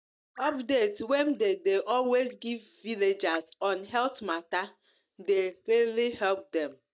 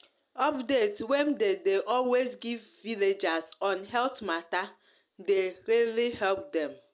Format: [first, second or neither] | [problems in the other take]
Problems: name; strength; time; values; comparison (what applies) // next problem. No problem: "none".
second | noise reduction (neural mask model DeepFilterNet 3)